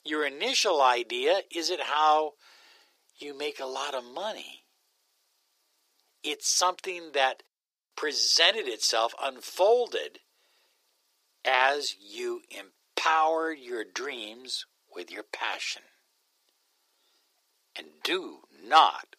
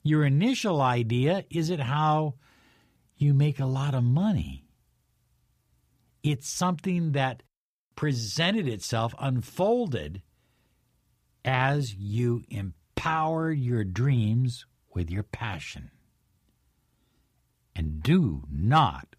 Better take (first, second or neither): second